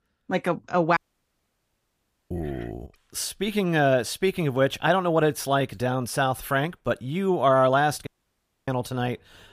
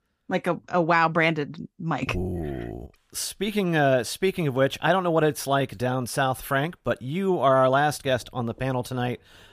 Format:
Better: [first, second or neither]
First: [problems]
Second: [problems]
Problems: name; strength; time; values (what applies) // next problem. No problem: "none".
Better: second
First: audio cutting out; at 1 s for 1.5 s and at 8 s for 0.5 s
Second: none